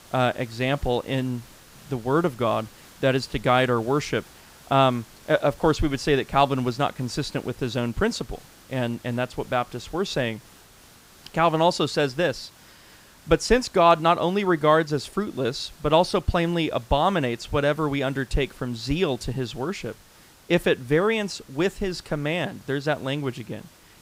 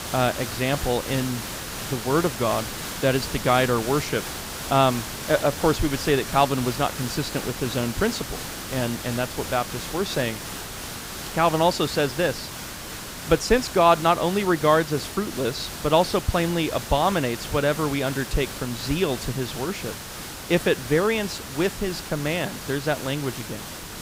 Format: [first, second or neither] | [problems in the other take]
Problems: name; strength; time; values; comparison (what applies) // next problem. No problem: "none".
first | hiss; loud; throughout; 8 dB below the speech; faint in the first